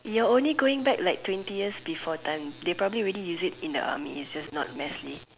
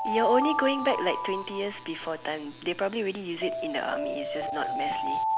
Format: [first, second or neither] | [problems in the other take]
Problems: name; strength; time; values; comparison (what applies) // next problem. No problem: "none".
first | background sound (Alarm); 2 dB below the speech